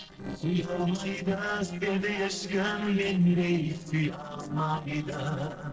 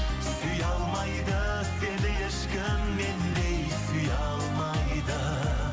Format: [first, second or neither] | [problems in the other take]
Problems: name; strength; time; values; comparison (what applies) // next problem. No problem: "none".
second | noise reduction (neural separator model SepFormer DNS4)